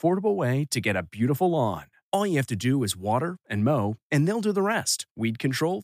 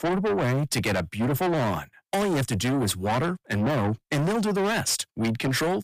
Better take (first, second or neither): first